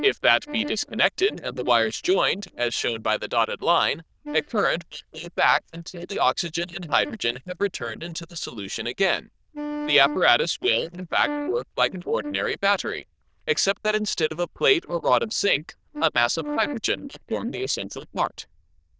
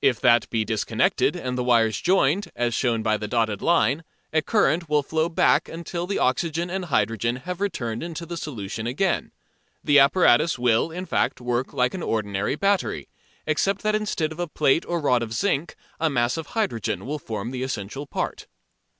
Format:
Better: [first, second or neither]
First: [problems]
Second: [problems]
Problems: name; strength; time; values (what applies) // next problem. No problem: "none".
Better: second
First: noise reduction (neural diffusion model UNIVERSE++)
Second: none